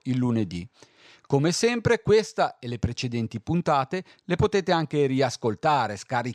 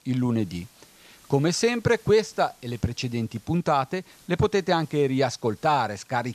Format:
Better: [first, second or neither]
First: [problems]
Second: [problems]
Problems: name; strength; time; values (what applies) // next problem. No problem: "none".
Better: first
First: none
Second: hiss; faint; throughout; 30 dB below the speech